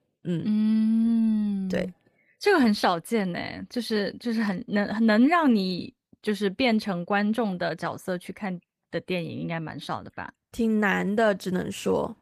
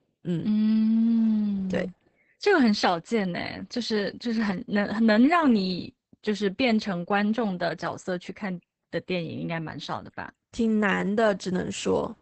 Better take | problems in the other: first | garbled, watery; badly; nothing above 8 kHz; slightly in the first

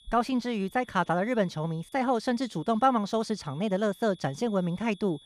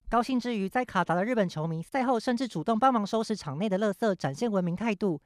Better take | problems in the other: second | high-pitched whine; faint; throughout; 3.5 kHz, 25 dB below the speech

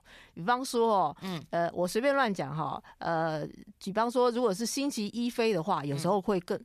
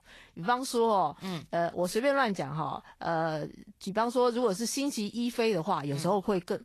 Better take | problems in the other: first | garbled, watery; slightly; nothing above 12.5 kHz

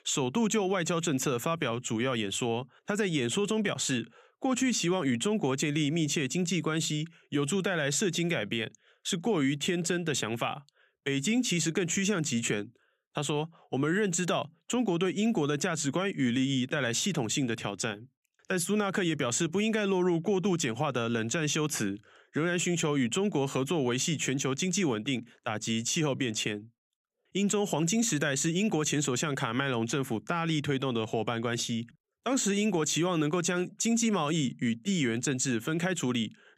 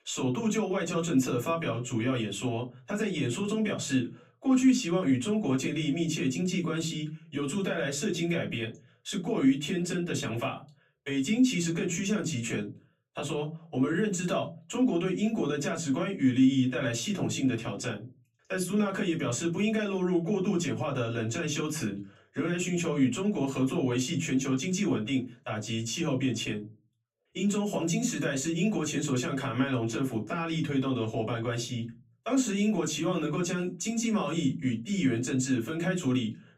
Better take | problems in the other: first | off-mic speech; far // room echo; very slight; dies away in 0.3 s

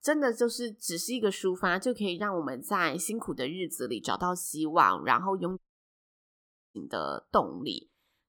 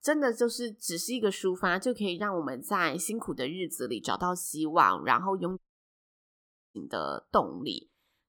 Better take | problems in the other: neither | audio cutting out; at 5.5 s for 1 s; the same in both

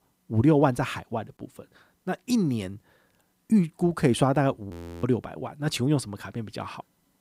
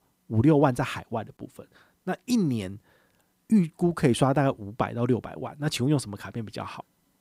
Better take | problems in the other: second | audio freezing; at 4.5 s

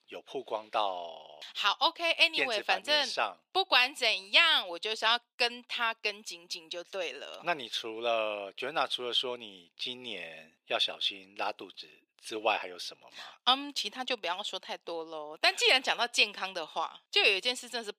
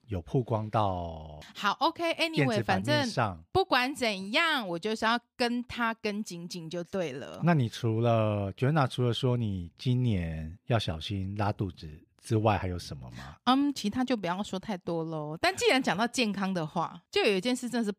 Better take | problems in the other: second | thin; very; fading below 450 Hz

